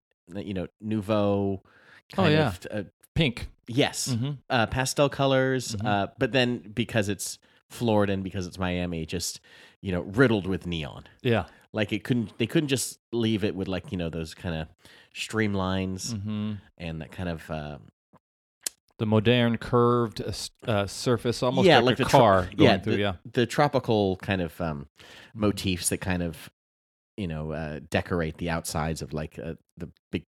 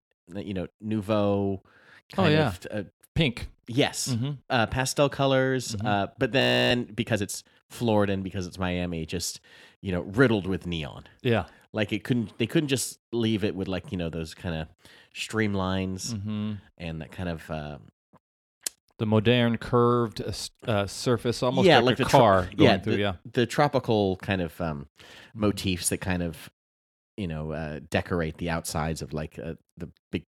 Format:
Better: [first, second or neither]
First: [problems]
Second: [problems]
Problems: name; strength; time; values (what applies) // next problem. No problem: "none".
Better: first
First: none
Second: audio freezing; at 6.5 s